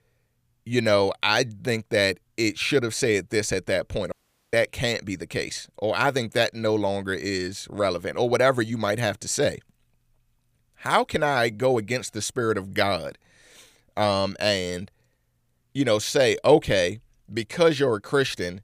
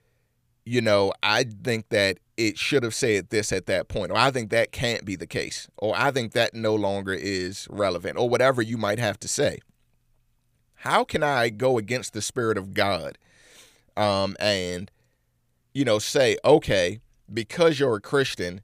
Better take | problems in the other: second | audio cutting out; at 4 s

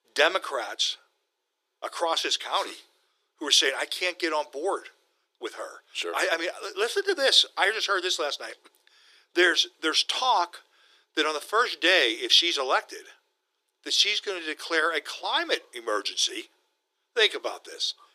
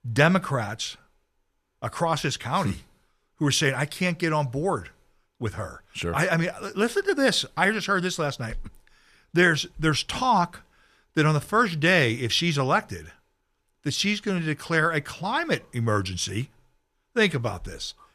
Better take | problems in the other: second | thin; very; fading below 350 Hz

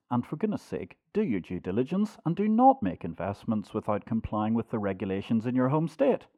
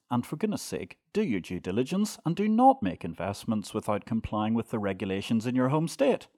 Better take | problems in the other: second | muffled; slightly; fading above 3 kHz

